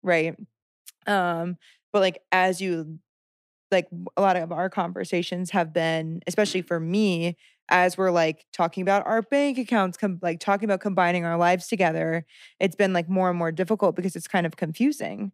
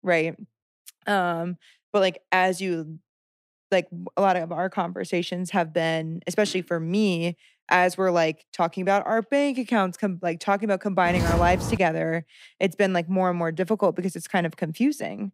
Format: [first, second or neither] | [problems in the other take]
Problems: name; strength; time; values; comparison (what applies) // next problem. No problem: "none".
first | footsteps; noticeable; at 11 s; peak 1 dB below the speech